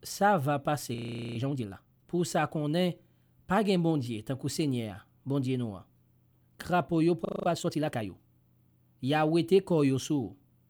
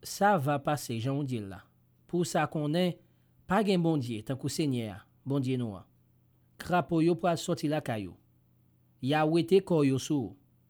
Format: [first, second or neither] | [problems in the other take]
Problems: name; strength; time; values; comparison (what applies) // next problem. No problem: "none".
second | audio freezing; at 1 s and at 7.5 s